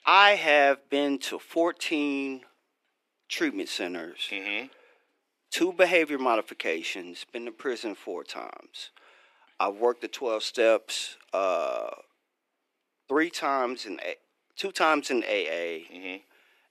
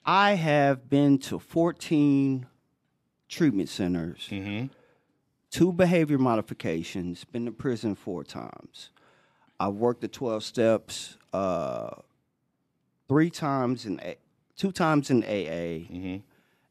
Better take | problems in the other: second | thin; somewhat; fading below 350 Hz

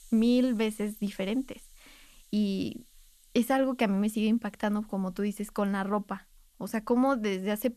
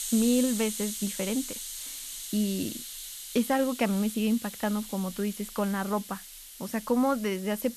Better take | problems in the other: first | hiss; loud; throughout; 8 dB below the speech; faint in the first

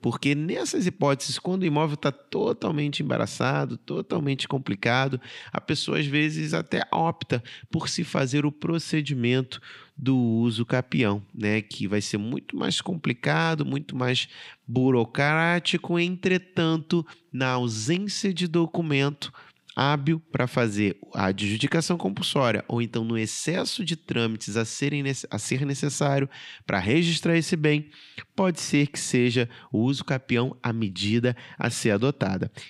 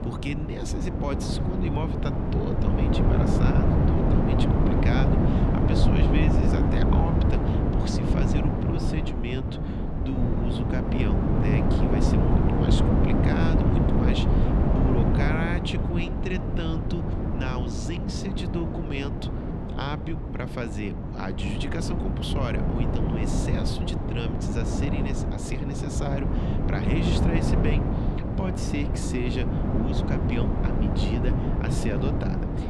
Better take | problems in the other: first | wind noise on the microphone; heavy; 3 dB above the speech

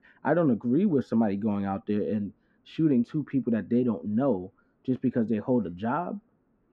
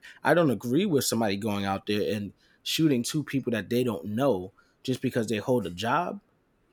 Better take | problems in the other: second | muffled; very; fading above 1.5 kHz

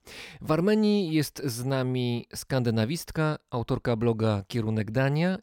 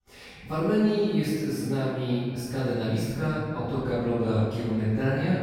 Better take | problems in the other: first | off-mic speech; far // room echo; strong; dies away in 2.2 s

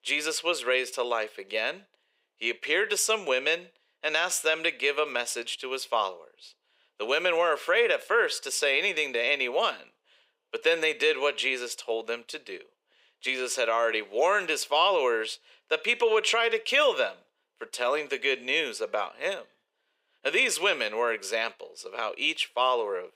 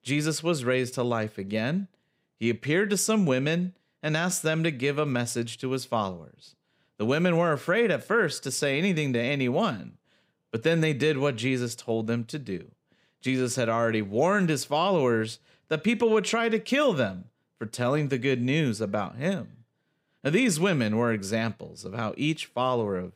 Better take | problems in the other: second | thin; very; fading below 450 Hz

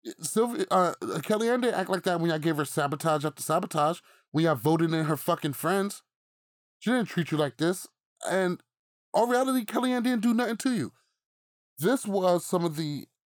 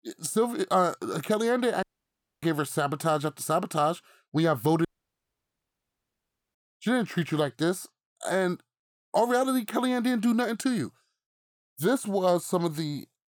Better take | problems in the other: first | audio cutting out; at 2 s for 0.5 s and at 5 s for 1.5 s

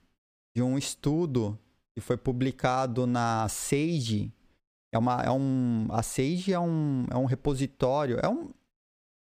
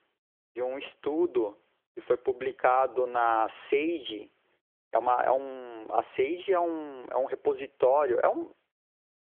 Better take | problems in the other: first | phone-call audio; nothing above 3.5 kHz

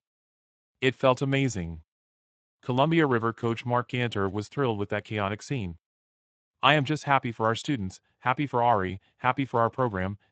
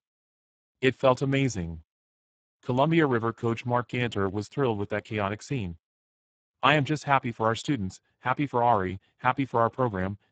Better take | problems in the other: first | garbled, watery; badly; nothing above 7.5 kHz; slightly in the first

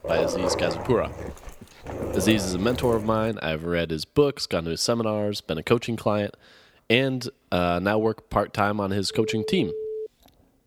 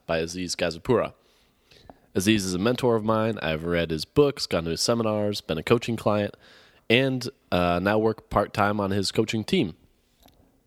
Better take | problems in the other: second | dog barking; noticeable; until 3.5 s; peak 1 dB below the speech // phone ringing; noticeable; at 9 s; peak 6 dB below the speech

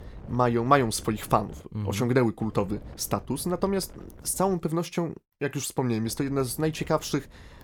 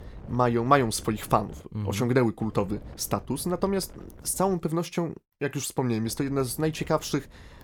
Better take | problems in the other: neither | wind noise on the microphone; occasional gusts; until 1.5 s, from 2.5 to 4.5 s and from 6 s on; 25 dB below the speech; the same in both

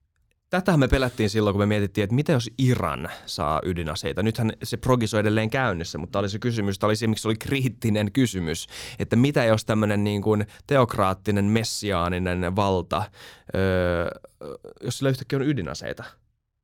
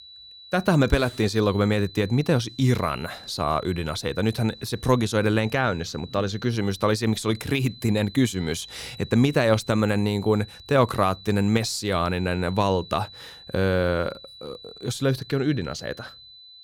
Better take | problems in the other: first | high-pitched whine; noticeable; throughout; 4 kHz, 20 dB below the speech

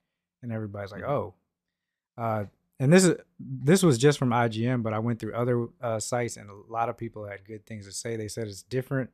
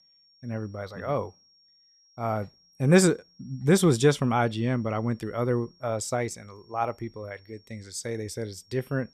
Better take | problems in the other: first | high-pitched whine; faint; throughout; 5.5 kHz, 30 dB below the speech

